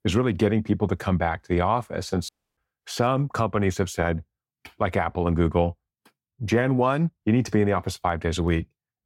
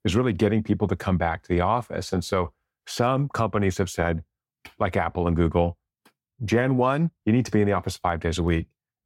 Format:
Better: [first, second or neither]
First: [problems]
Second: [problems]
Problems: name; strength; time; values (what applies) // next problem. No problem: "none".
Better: second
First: audio cutting out; at 2.5 s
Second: none